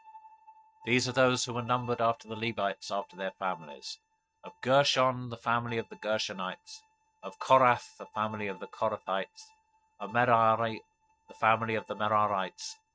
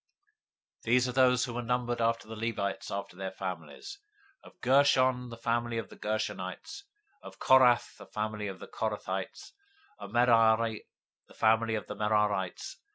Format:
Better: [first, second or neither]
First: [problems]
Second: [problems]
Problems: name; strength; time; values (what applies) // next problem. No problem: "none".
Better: second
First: noise reduction (neural mask model RNNoise)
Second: none